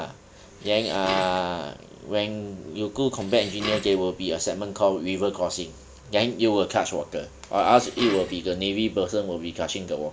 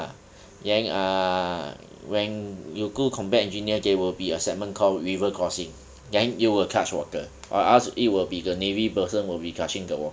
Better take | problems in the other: second | background sound (Dishes, pots, and pans); 14 dB below the speech

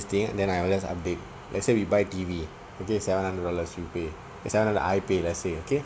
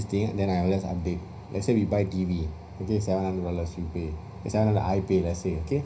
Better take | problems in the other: first | room echo; dies away in 0.4 s

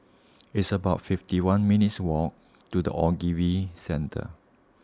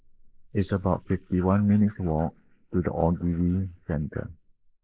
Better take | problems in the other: first | noise reduction (neural mask model Resemble Enhance denoiser)

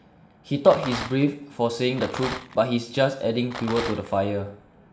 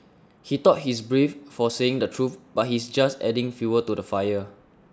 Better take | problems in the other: second | background sound (Rattle); 10 dB below the speech // room echo; dies away in 0.7 s

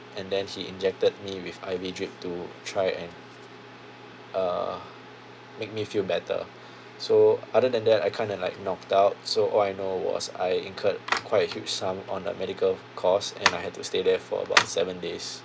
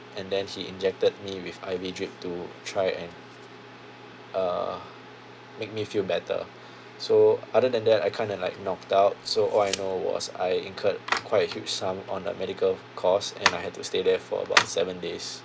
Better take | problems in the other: first | background sound (Tick); 16 dB below the speech

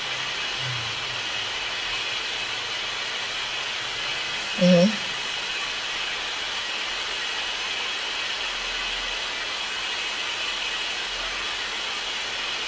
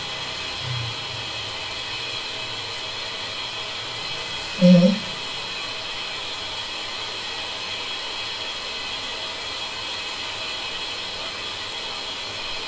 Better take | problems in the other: first | background sound (Bathtub (filling or washing)); 14 dB below the speech // room echo; dies away in 0.2 s

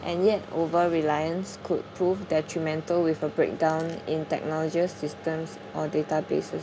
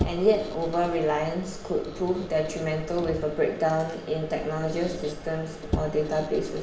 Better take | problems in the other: first | background sound (Squeak); 9 dB below the speech // room echo; dies away in 0.7 s

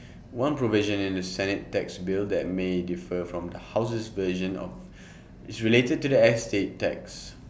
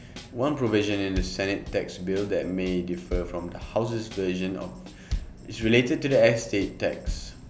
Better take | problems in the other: first | background sound (Drum kit); 11 dB below the speech

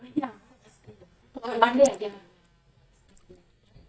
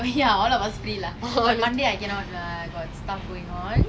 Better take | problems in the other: second | noise reduction (neural mask model DeepFilterNet 3)

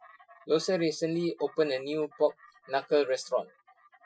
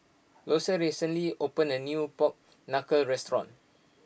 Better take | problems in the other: second | noise reduction (classical method Wiener filter)

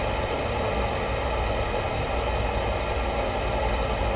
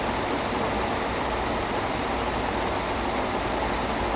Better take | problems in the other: second | room echo; dies away in 0.3 s

